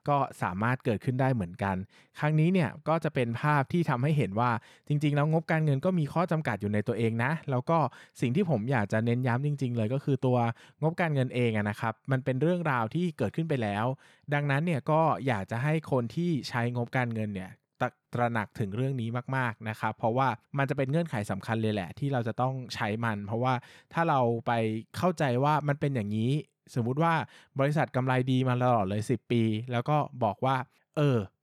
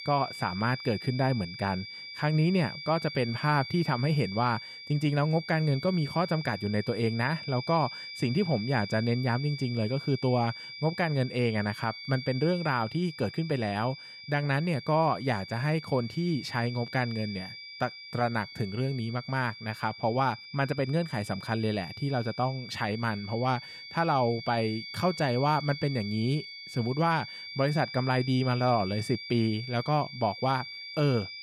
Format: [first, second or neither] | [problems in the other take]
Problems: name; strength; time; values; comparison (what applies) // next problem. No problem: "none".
first | high-pitched whine; noticeable; throughout; 2.5 kHz, 10 dB below the speech